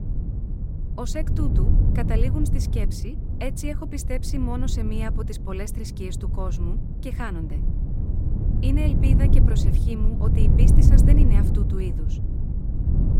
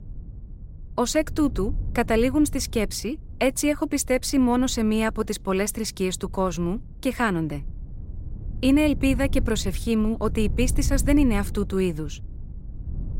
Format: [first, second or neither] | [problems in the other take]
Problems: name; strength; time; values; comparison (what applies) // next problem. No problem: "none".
second | low rumble; loud; throughout; 2 dB below the speech; faint in the second